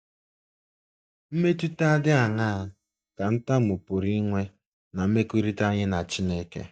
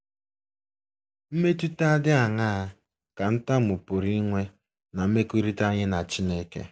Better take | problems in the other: second | noise reduction (neural mask model DeepFilterNet 3)

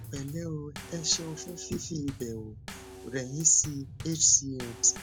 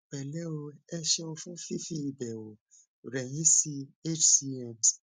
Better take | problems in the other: second | background sound (Bass drum / Snare drum / Drum kit); 13 dB below the speech

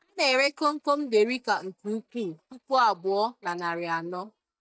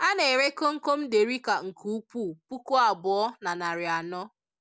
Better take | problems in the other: second | noise reduction (neural mask model DeepFilterNet 3)

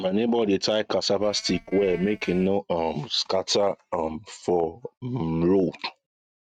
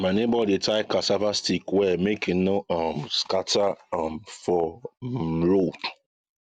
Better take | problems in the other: second | noise reduction (neural mask model RNNoise)

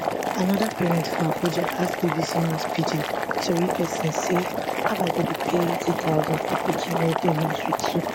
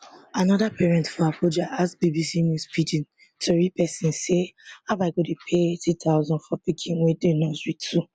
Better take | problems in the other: second | background sound (Boiling); as loud as the speech

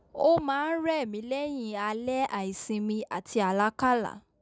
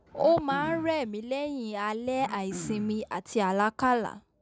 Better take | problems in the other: first | background sound (Cough); 14 dB below the speech

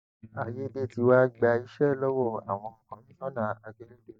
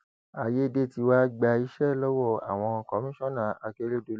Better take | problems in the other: second | noise reduction (neural mask model DeepFilterNet 3)

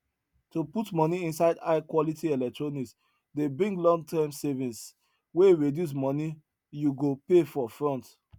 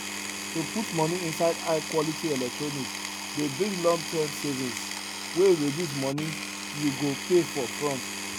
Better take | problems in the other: first | background sound (Power tool); 6 dB below the speech

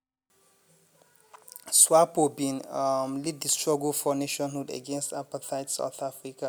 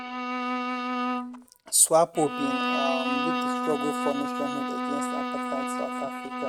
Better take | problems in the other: first | noise reduction (neural mask model RNNoise)

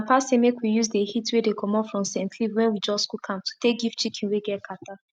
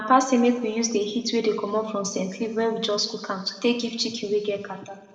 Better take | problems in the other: first | room echo; dies away in 1.4 s

